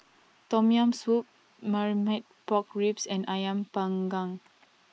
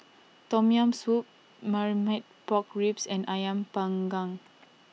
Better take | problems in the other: second | noise reduction (neural mask model Resemble Enhance denoiser)

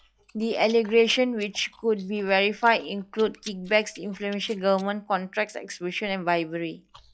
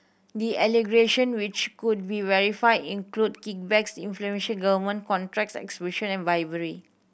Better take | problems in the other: second | noise reduction (classical method log-MMSE)

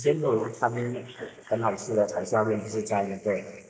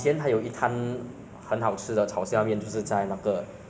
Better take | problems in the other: second | noise reduction (neural mask model Resemble Enhance denoiser)

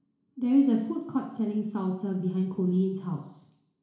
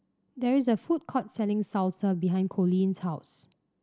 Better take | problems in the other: second | room echo; dies away in 0.7 s

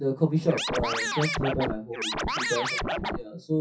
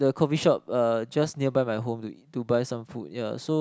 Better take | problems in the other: second | noise reduction (classical method WPE with log-MMSE)

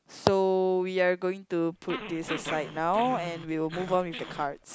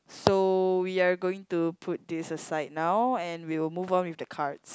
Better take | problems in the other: second | background sound (Growling); 11 dB below the speech

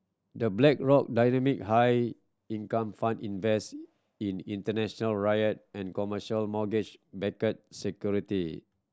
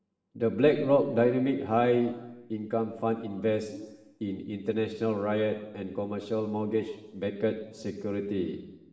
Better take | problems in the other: first | room echo; dies away in 1.1 s

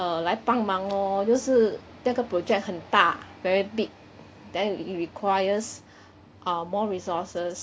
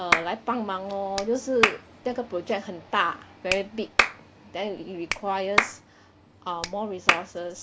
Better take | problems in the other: first | background sound (Clapping); as loud as the speech

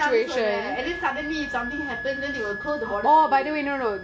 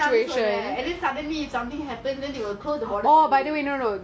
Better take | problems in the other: second | background sound (Wind instrument, woodwind instrument); 11 dB below the speech

